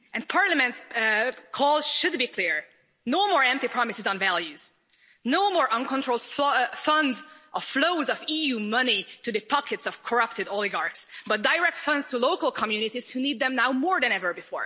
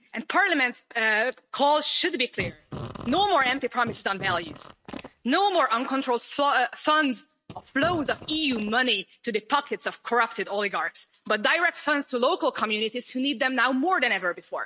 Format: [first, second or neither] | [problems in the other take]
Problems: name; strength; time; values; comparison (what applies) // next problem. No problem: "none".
first | noise reduction (neural mask model RNNoise)